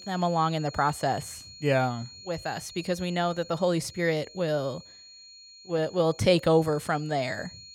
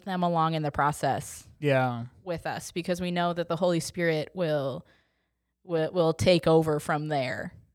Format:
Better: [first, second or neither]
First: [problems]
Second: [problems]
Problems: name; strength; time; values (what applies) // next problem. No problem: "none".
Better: second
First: high-pitched whine; noticeable; throughout; 4.5 kHz, 20 dB below the speech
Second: none